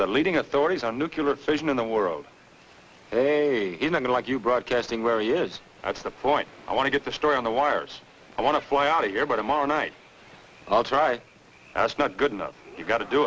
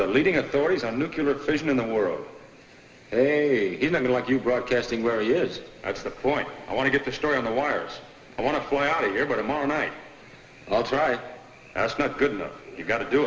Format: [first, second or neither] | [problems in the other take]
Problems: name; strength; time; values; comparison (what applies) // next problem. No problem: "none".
first | room echo; dies away in 2.4 s